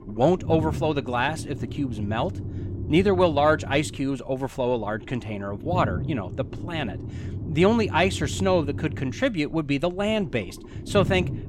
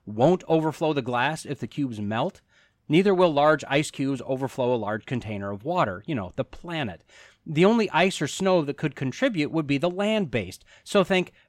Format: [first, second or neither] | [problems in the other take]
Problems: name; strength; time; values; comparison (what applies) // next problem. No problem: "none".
second | low rumble; noticeable; throughout; 15 dB below the speech